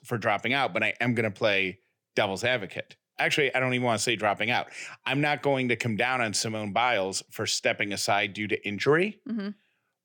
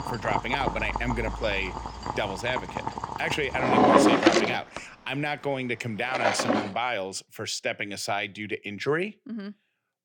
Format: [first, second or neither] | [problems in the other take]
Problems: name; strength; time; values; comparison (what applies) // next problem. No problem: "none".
first | household noises; very loud; until 6.5 s; 4 dB above the speech